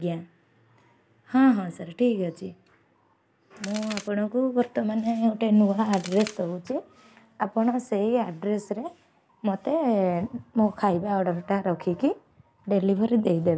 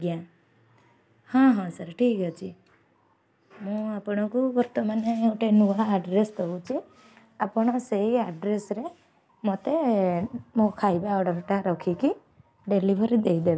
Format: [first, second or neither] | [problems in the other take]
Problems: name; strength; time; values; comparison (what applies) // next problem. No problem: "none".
second | background sound (Crack); 13 dB below the speech